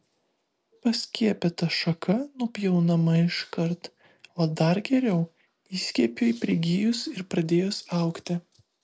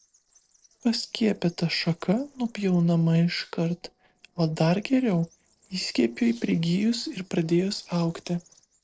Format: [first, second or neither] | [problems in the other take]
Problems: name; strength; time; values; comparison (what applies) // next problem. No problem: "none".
first | noise reduction (neural separator model SepFormer DNS4)